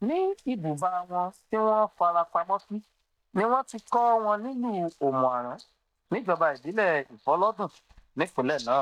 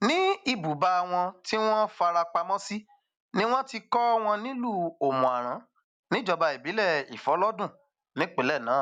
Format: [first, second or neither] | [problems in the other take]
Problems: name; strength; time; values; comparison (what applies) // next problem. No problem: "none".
second | noise reduction (neural mask model DeepFilterNet 3)